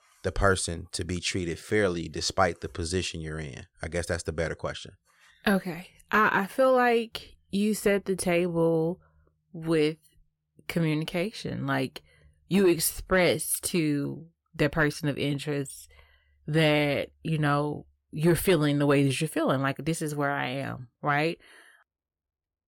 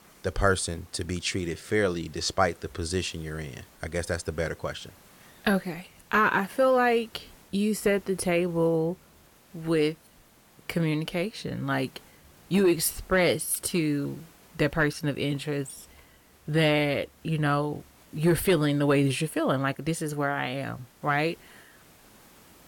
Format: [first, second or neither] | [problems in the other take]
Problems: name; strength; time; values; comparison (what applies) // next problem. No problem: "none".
first | hiss; faint; throughout; 30 dB below the speech